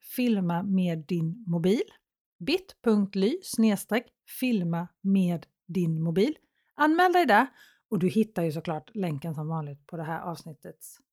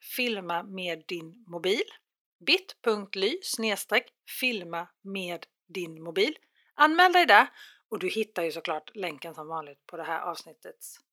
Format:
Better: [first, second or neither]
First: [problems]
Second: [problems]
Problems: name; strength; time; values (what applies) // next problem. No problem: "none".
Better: first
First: none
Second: thin; very; fading below 350 Hz